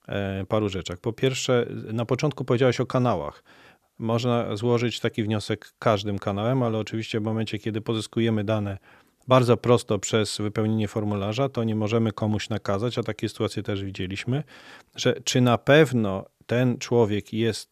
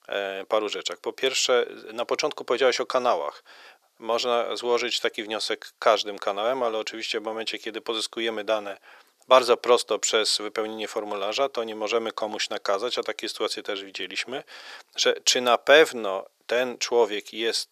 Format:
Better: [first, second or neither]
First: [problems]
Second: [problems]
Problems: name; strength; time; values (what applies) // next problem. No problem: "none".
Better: first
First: none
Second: thin; very; fading below 450 Hz